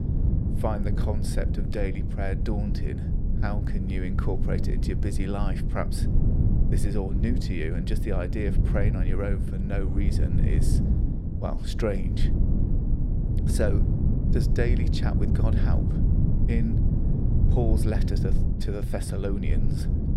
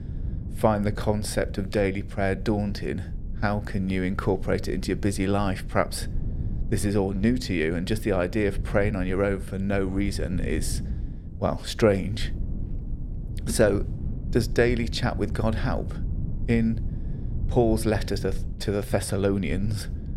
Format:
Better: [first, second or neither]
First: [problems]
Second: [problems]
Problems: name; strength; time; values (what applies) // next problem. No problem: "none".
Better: second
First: wind noise on the microphone; heavy; 3 dB below the speech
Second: wind noise on the microphone; occasional gusts; 20 dB below the speech